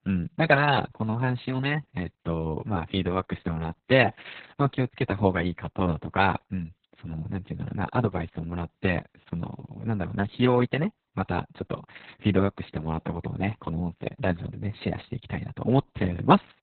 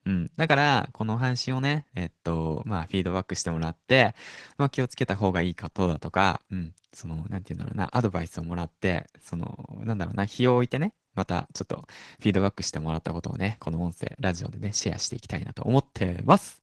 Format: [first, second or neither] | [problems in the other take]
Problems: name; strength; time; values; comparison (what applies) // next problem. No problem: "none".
second | garbled, watery; badly; nothing above 4 kHz; slightly in the second